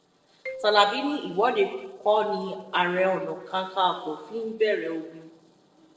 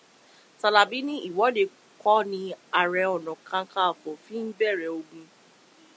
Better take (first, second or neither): second